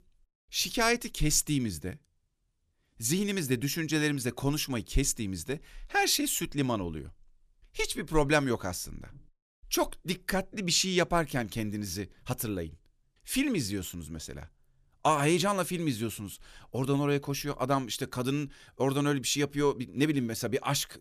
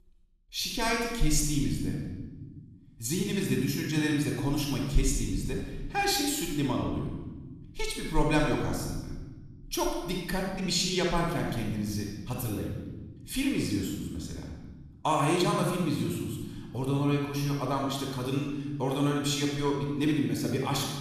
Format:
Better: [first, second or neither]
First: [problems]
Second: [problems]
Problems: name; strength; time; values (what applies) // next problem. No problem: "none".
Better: first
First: none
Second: off-mic speech; somewhat distant // room echo; noticeable; dies away in 1.3 s